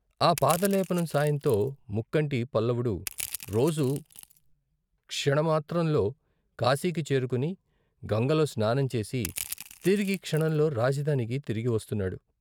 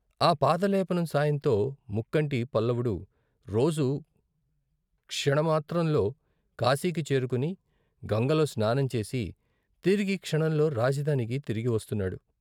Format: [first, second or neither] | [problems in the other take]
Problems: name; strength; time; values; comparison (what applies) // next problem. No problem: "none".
second | background sound (Crushing); 13 dB below the speech